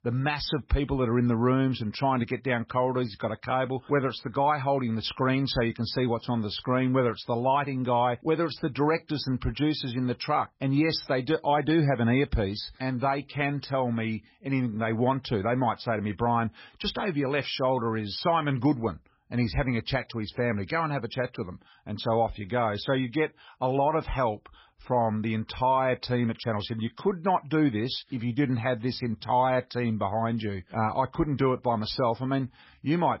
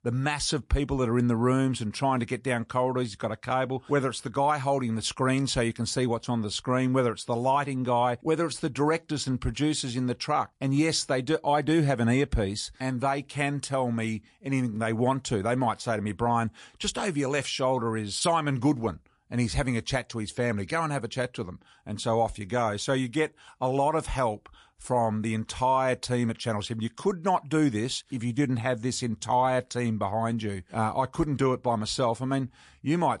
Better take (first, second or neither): second